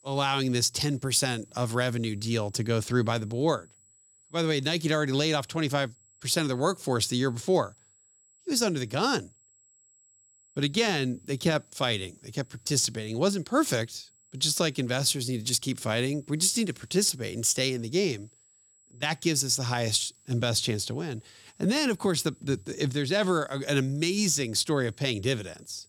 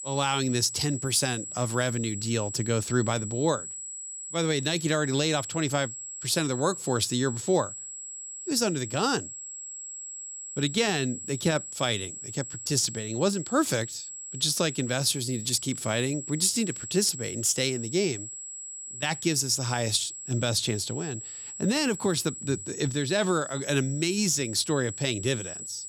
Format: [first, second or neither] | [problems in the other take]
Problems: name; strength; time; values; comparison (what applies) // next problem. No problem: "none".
first | high-pitched whine; loud; throughout; 7.5 kHz, 9 dB below the speech; faint in the first